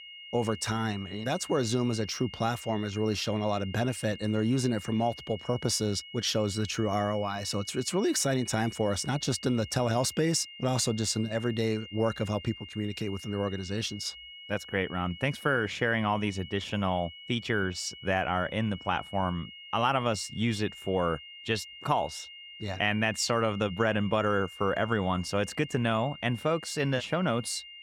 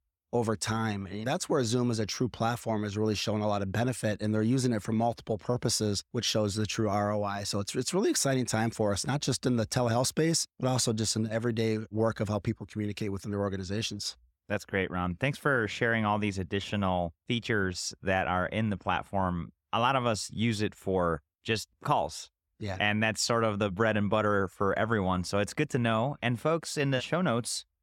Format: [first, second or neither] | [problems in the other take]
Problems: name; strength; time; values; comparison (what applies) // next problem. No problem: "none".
second | high-pitched whine; noticeable; throughout; 3 kHz, 15 dB below the speech